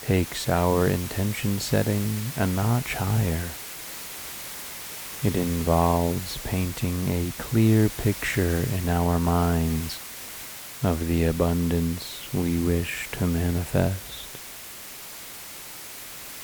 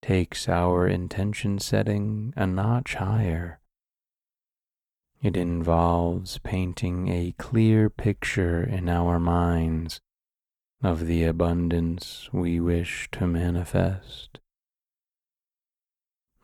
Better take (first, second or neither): second